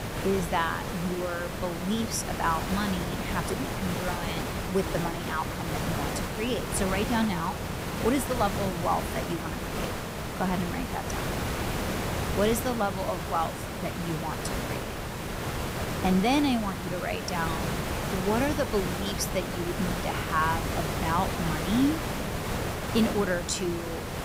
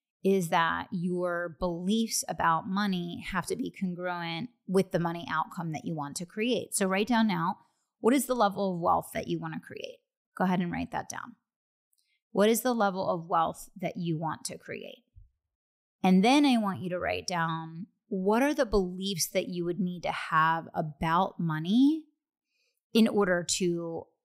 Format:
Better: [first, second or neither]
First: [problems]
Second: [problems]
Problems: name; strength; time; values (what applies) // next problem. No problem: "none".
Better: second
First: hiss; loud; throughout; 2 dB below the speech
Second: none